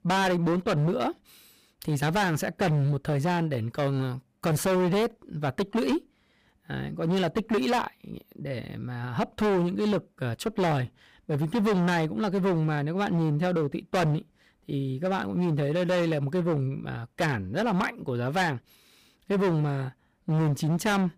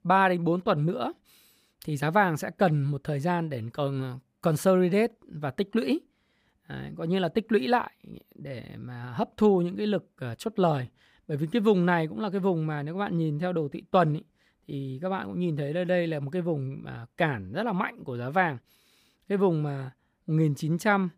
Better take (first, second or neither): second